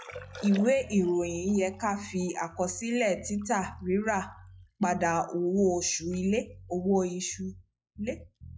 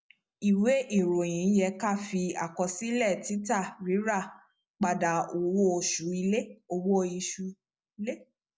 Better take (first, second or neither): second